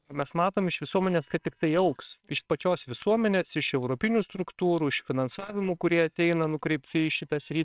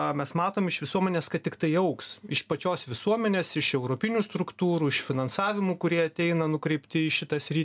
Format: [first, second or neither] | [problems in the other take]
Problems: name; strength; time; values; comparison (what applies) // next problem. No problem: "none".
second | noise reduction (neural separator model SepFormer WHAMR!)